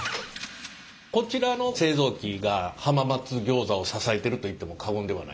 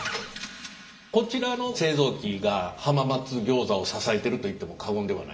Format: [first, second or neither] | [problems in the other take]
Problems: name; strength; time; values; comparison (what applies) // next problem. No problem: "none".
first | room echo; dies away in 0.7 s